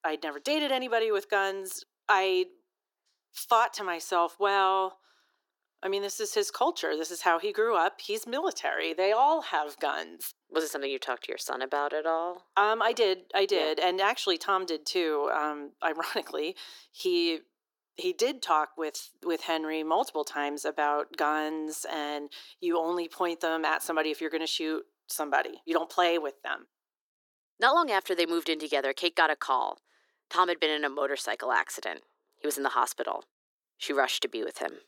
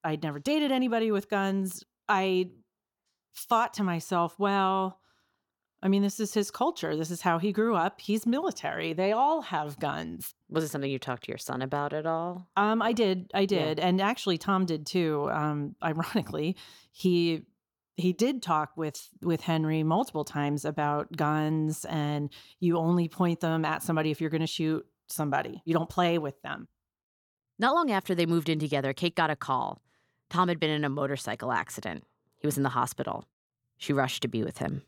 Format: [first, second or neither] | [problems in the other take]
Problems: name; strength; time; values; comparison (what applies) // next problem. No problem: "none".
second | thin; very; fading below 350 Hz